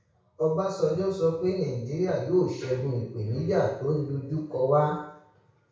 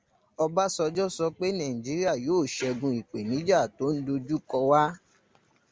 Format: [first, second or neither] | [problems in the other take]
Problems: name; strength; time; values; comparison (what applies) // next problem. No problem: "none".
second | room echo; dies away in 0.6 s